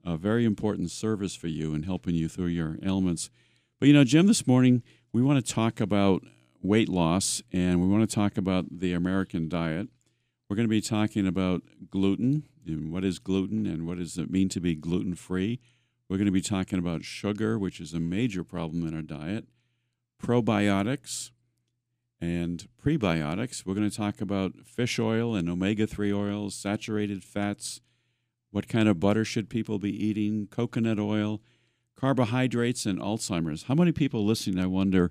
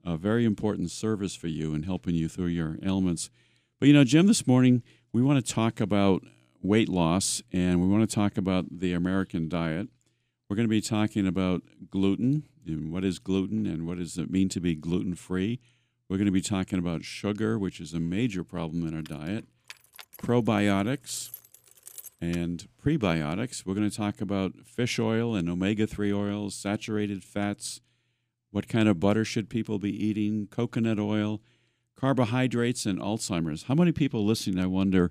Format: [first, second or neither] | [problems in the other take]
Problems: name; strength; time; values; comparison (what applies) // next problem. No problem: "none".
first | jangling keys; faint; from 19 to 22 s; peak 15 dB below the speech